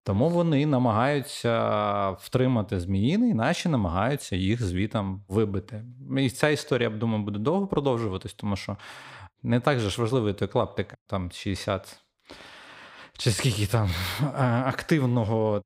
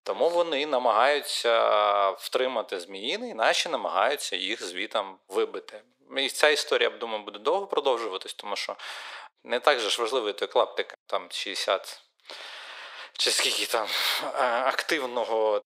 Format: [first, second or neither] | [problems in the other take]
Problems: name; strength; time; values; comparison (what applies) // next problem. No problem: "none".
first | thin; very; fading below 450 Hz